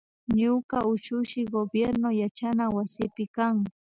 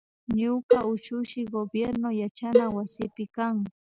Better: first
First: none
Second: background sound (Cowbell); 1 dB above the speech

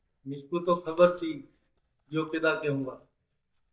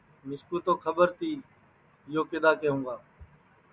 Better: second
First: noise reduction (neural mask model DeepFilterNet 3)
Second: none

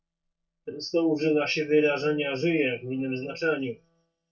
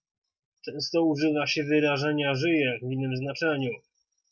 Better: second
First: noise reduction (neural mask model DeepFilterNet 3)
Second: none

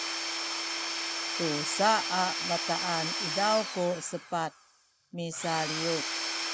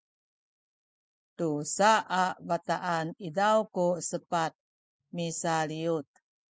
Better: second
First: background sound (Tools / Domestic sounds, home sounds); 2 dB below the speech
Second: none

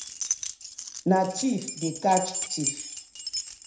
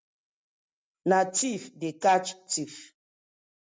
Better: second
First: background sound (Keys jangling); 5 dB below the speech // room echo; dies away in 0.5 s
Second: none

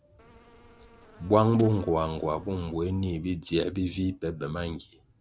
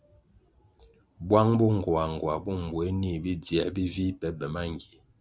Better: second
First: background sound (Insect); 16 dB below the speech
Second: none

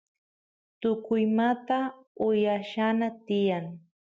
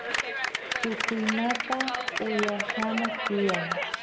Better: first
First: none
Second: background sound (Clapping); 1 dB above the speech // room echo; dies away in 1.1 s

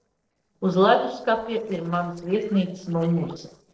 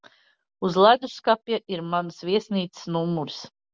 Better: second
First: noise reduction (neural separator model SepFormer DNS4)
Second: none

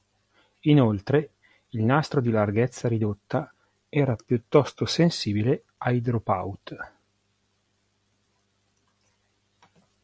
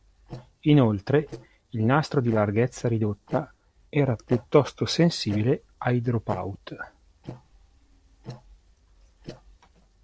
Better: first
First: none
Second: noise reduction (neural separator model SepFormer DNS4)

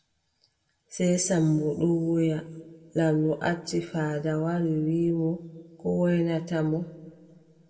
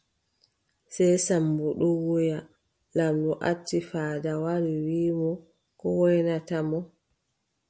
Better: second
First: room echo; dies away in 1.4 s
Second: none

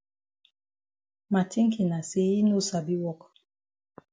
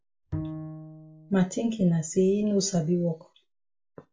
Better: first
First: none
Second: background sound (Bowed string instrument); 13 dB below the speech // room echo; dies away in 0.2 s

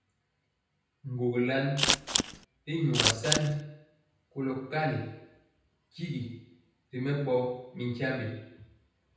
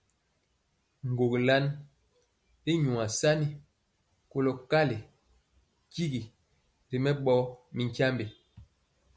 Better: second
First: background sound (Scissors); 5 dB above the speech // room echo; dies away in 0.9 s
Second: none

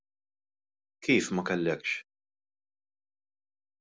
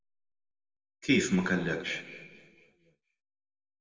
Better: first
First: none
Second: room echo; dies away in 1.6 s

